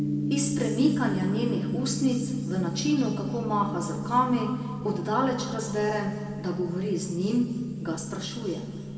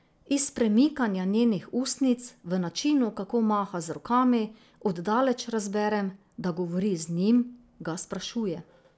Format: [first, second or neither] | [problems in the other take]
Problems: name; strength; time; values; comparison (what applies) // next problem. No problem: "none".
second | background sound (Gong); 4 dB below the speech // room echo; dies away in 2 s